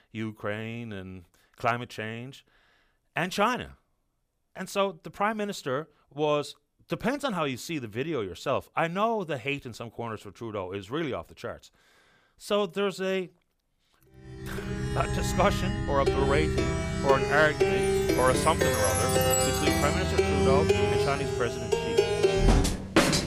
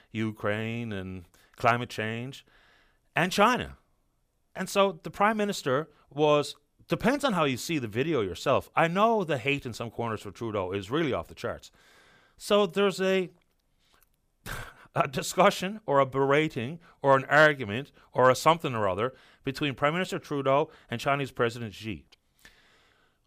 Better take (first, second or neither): second